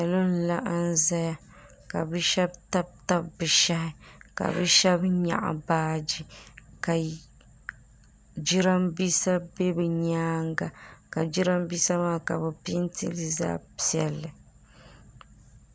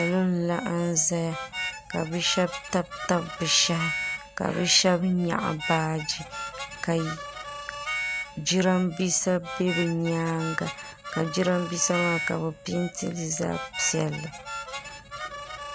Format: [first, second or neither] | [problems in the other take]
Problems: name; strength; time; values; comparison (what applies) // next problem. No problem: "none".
first | background sound (Harmonica); 9 dB below the speech